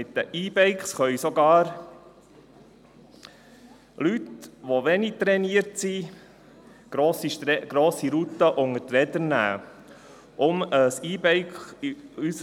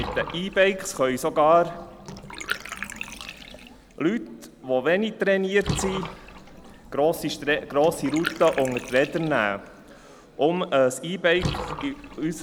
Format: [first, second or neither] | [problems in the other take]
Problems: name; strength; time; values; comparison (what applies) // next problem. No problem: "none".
first | background sound (Bathtub (filling or washing) / Water); 12 dB below the speech